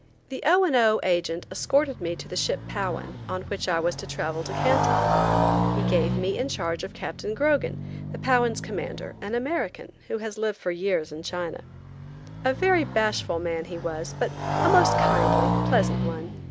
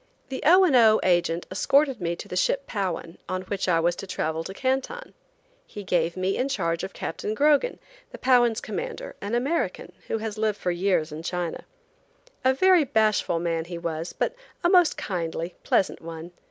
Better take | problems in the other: second | background sound (Motorcycle); 1 dB below the speech

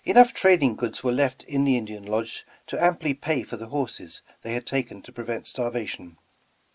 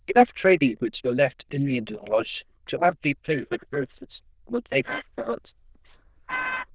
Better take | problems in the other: first | noise reduction (neural diffusion model UNIVERSE++)

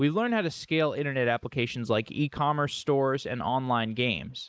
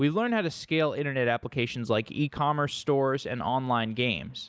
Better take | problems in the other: second | noise reduction (neural mask model Resemble Enhance denoiser)

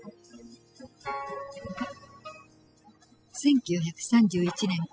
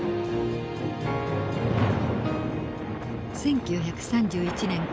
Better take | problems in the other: second | noise reduction (classical method spectral subtraction)

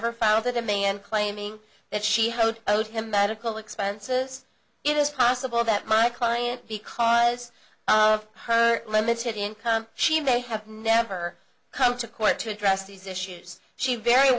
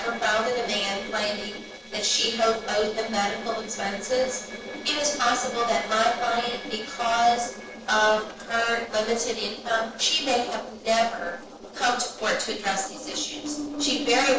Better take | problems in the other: first | noise reduction (neural separator model SepFormer DNS4)

